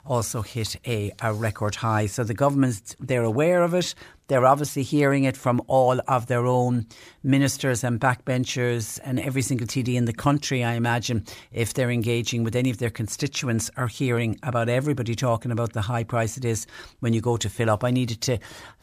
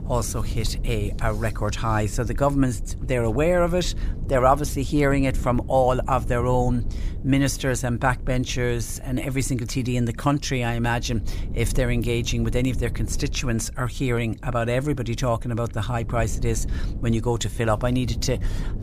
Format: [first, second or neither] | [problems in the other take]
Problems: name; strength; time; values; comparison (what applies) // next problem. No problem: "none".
first | low rumble; faint; throughout; 20 dB below the speech